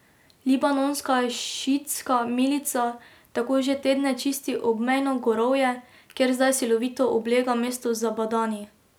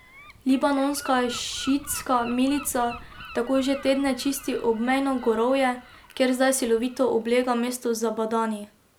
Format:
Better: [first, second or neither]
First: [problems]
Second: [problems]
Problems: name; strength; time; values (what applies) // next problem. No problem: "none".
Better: first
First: none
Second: background sound (Gull, seagull); 20 dB below the speech